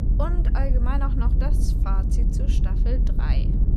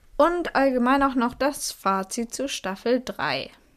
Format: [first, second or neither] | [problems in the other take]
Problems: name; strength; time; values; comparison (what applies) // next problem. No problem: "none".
second | low rumble; loud; throughout; 4 dB below the speech